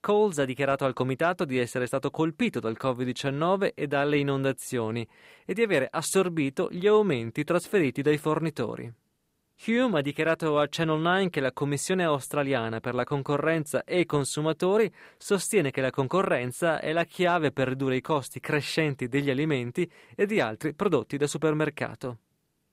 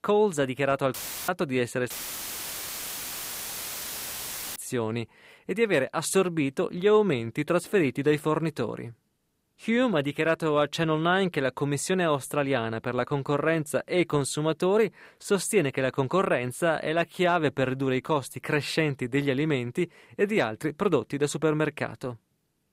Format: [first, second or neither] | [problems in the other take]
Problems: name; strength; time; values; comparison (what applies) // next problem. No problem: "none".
first | audio cutting out; filled with static; at 1 s and at 2 s for 2.5 s